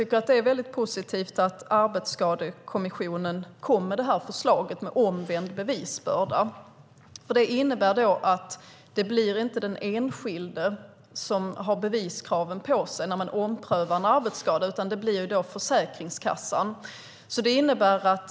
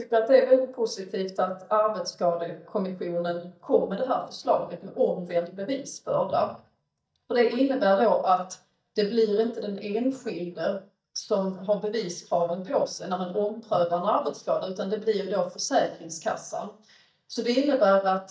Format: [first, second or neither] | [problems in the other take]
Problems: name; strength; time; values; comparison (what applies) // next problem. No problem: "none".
first | noise reduction (neural mask model DeepFilterNet 3)